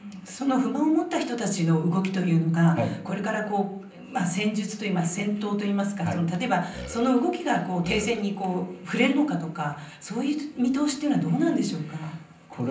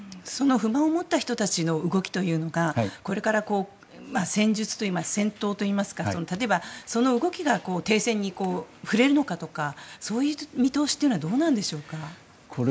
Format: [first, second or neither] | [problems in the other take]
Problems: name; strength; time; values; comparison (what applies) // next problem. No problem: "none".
second | background sound (Burping, eructation); 12 dB below the speech // room echo; dies away in 0.6 s